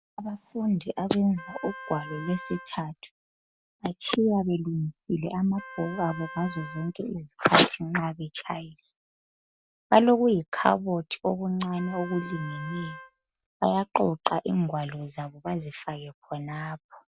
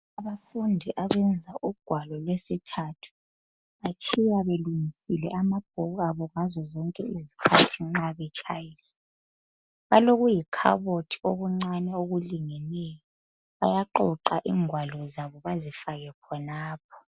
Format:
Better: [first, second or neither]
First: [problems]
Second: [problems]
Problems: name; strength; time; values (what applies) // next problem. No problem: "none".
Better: second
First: background sound (Wind instrument, woodwind instrument); 16 dB below the speech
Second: none